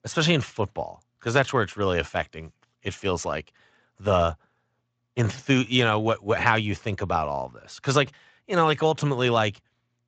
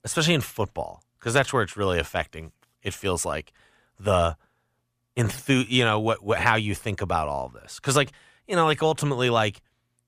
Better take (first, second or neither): second